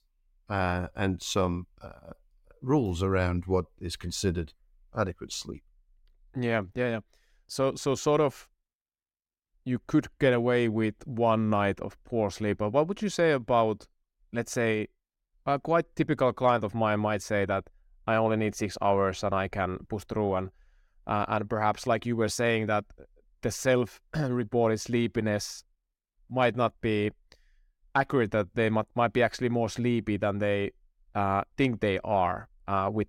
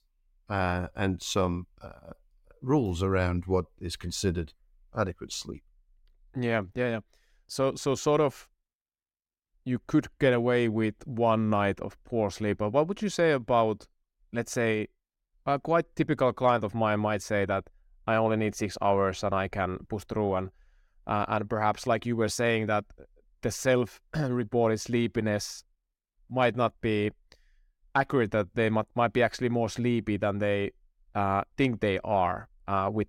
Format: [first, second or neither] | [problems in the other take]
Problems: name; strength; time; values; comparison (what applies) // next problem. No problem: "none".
neither | none